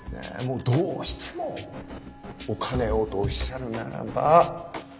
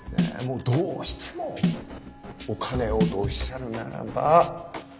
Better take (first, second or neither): first